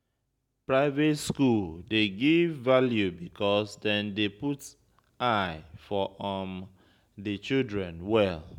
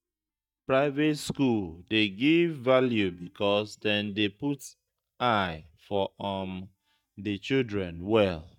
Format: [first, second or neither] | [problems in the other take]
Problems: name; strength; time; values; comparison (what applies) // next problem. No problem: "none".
first | noise reduction (neural mask model DeepFilterNet 3)